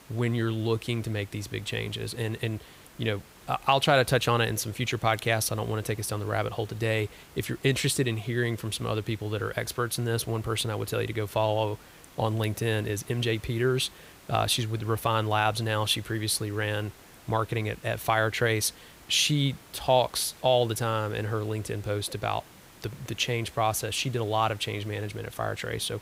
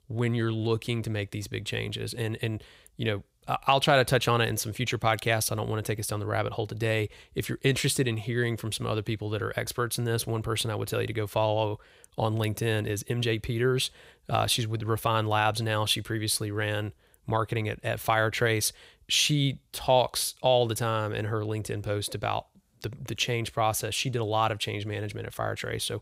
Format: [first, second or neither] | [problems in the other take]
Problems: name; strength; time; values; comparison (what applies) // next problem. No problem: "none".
second | hiss; faint; throughout; 25 dB below the speech